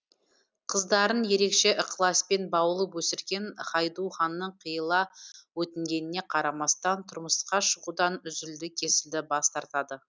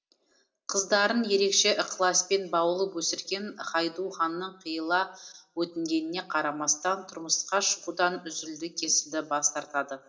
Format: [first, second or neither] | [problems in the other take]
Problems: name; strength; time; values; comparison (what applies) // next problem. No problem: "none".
first | room echo; dies away in 0.5 s